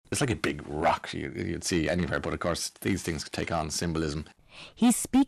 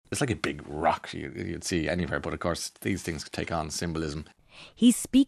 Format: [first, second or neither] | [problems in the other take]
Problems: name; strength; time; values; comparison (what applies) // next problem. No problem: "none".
second | distortion; slight; 3% of the sound clipped